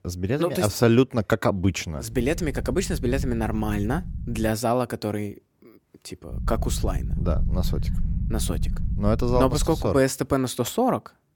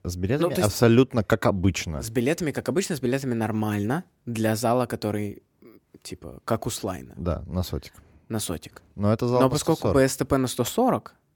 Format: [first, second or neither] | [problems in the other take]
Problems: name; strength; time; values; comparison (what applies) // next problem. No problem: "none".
second | low rumble; noticeable; from 2 to 4.5 s and from 6.5 to 10 s; 20 dB below the speech